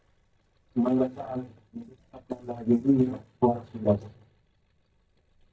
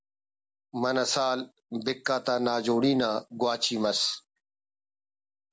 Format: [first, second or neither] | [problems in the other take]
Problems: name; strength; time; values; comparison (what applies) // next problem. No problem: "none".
second | noise reduction (neural mask model DeepFilterNet 3)